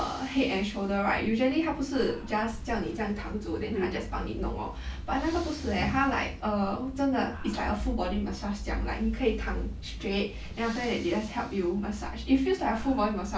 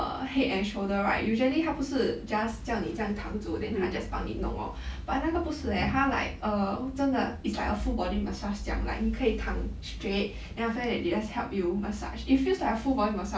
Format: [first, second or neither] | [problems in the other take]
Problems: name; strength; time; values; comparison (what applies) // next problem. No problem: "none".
second | background sound (Breathing); 18 dB below the speech